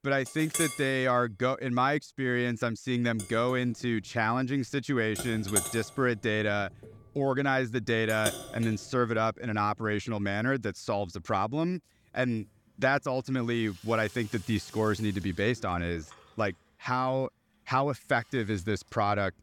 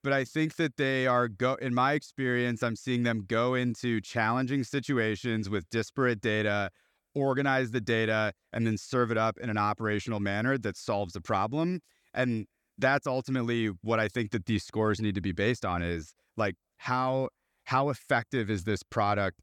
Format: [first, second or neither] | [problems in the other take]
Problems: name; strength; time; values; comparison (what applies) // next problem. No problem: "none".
second | household noises; loud; throughout; 8 dB below the speech